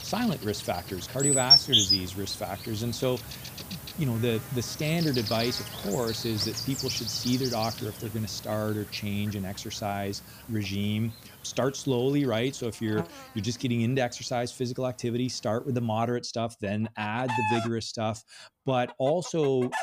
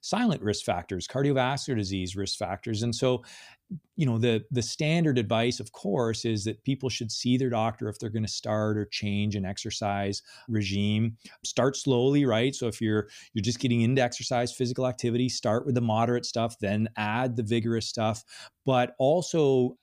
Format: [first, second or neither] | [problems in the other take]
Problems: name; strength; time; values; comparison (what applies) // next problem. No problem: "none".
second | animal sounds; very loud; throughout; 2 dB above the speech